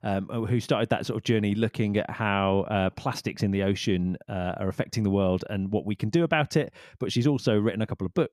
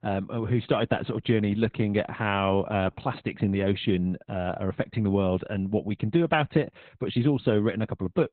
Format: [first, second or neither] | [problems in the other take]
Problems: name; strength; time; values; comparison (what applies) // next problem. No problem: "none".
first | garbled, watery; badly; nothing above 4 kHz